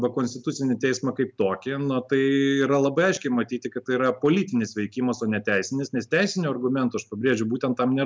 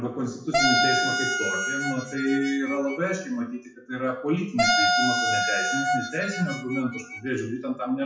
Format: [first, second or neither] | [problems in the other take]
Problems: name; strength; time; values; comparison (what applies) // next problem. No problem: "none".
first | noise reduction (classical method WPE with log-MMSE)